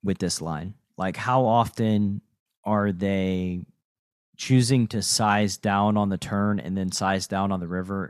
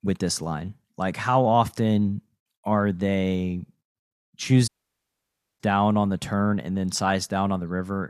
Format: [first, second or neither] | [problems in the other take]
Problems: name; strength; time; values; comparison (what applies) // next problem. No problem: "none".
first | audio cutting out; at 4.5 s for 1 s